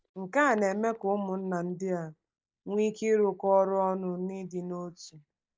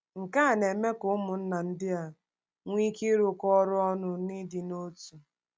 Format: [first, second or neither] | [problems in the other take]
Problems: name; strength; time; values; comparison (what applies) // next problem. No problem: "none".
second | noise reduction (neural mask model DeepFilterNet 3)